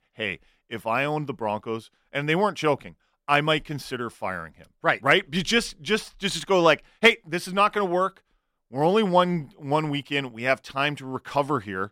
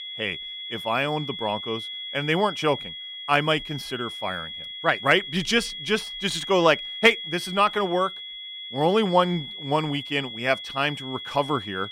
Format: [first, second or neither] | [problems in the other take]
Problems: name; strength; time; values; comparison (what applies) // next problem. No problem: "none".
first | high-pitched whine; loud; throughout; 3.5 kHz, 9 dB below the speech